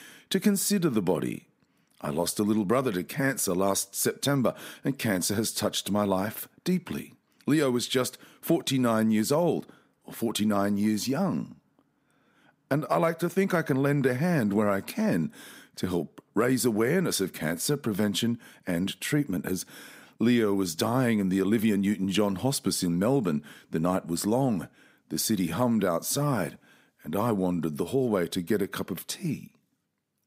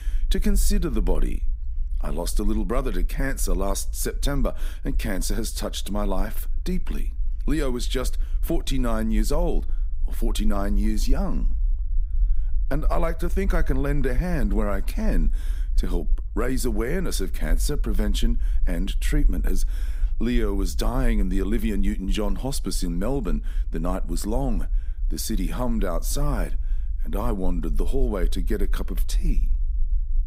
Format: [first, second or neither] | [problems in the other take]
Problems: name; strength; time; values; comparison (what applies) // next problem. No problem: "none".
first | low rumble; faint; throughout; 25 dB below the speech